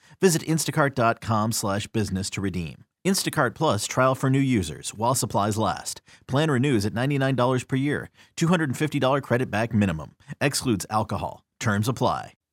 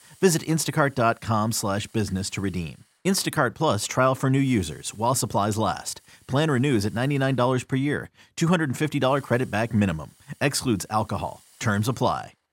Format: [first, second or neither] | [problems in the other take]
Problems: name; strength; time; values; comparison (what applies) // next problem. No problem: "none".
first | hiss; faint; throughout; 30 dB below the speech